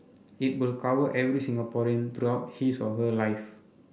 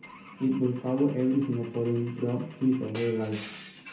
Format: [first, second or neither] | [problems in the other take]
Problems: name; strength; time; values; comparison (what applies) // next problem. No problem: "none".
first | background sound (Glass / Engine / Car); 19 dB below the speech // room echo; dies away in 0.3 s